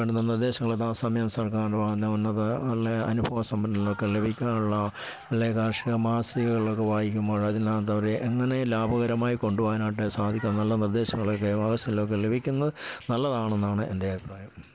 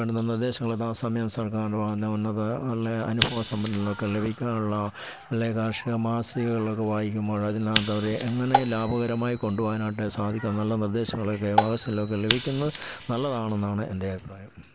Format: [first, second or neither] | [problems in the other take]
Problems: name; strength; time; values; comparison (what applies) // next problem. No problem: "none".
first | background sound (Marimba, xylophone + Scissors); 8 dB below the speech